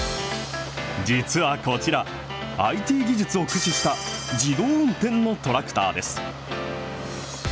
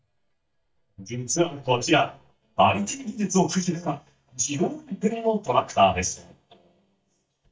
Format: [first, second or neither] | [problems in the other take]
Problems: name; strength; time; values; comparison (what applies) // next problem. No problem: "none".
first | noise reduction (neural mask model DeepFilterNet 3)